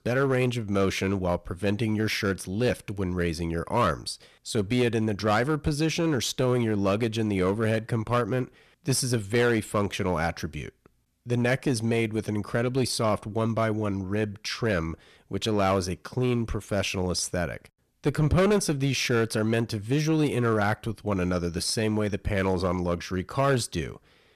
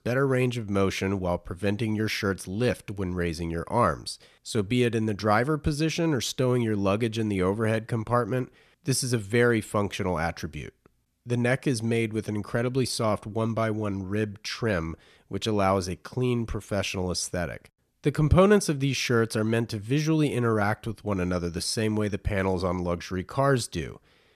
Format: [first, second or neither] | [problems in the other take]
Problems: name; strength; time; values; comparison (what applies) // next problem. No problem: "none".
second | distortion; slight; 7% of the sound clipped